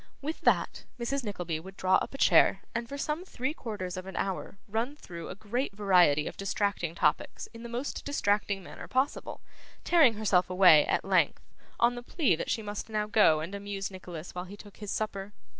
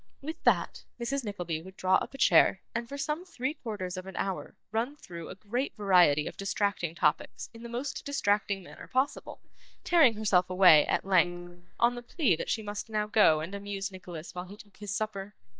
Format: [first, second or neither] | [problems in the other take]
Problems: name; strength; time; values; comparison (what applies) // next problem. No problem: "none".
first | noise reduction (neural mask model DeepFilterNet 3)